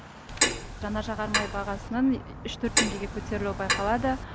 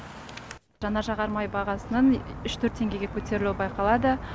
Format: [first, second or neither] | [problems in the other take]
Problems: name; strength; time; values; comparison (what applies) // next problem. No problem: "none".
second | background sound (Clock); as loud as the speech